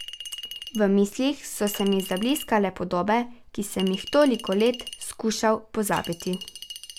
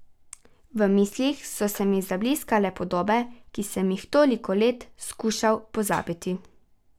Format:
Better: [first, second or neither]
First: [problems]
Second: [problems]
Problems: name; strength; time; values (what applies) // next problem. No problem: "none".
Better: second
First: background sound (Chink, clink); 15 dB below the speech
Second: none